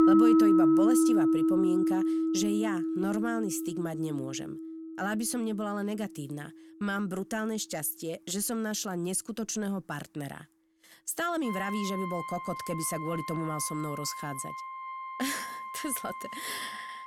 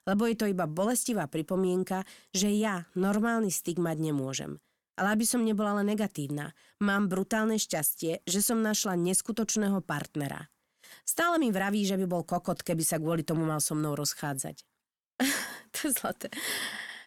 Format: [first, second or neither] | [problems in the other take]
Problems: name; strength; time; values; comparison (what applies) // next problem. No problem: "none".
second | background music; very loud; throughout; 4 dB above the speech